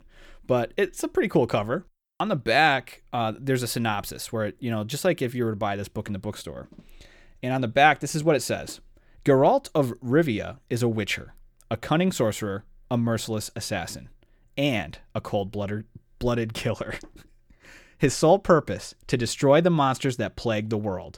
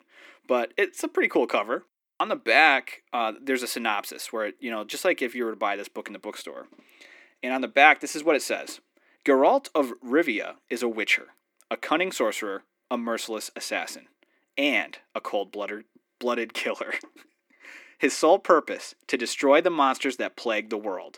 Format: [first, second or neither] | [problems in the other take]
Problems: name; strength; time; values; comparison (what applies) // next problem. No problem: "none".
first | thin; very slightly; fading below 250 Hz